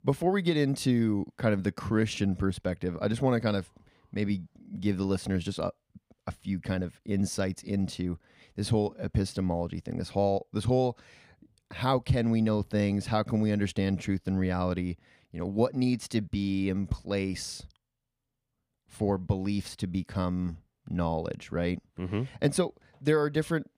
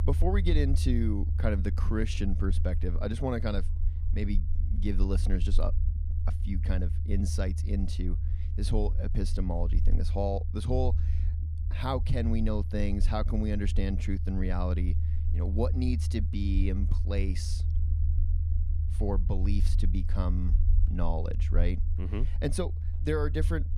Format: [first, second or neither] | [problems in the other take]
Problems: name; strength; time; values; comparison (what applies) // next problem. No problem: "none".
first | low rumble; noticeable; throughout; 10 dB below the speech